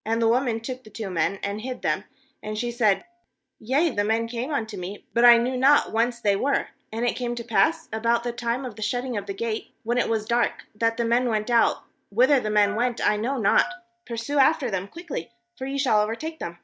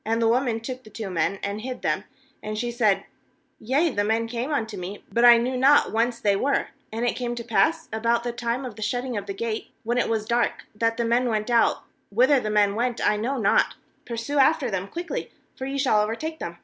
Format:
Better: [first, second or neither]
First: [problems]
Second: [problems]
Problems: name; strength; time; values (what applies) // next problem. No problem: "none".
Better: second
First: noise reduction (neural mask model DeepFilterNet 3)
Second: none